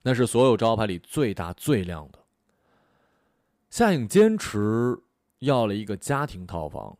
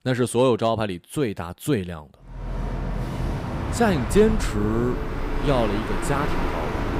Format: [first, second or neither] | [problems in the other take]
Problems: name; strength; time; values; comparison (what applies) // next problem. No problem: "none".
first | train or aircraft noise; loud; from 2.5 s on; 5 dB below the speech